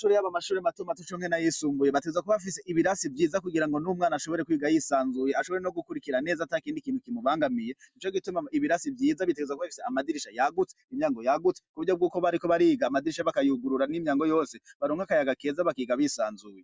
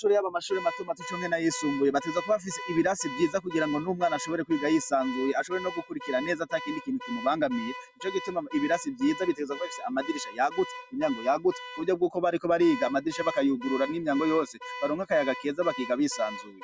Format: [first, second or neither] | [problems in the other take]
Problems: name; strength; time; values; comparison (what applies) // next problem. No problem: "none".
first | background sound (Alarm / Car); 13 dB below the speech